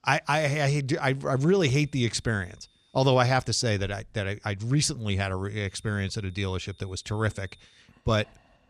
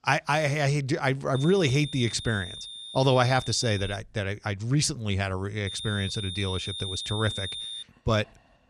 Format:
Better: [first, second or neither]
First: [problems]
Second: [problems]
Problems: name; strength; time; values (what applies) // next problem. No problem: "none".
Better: first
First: high-pitched whine; faint; from 1.5 to 4 s and from 5.5 to 8 s; 3.5 kHz, 35 dB below the speech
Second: high-pitched whine; loud; from 1.5 to 4 s and from 5.5 to 8 s; 3.5 kHz, 9 dB below the speech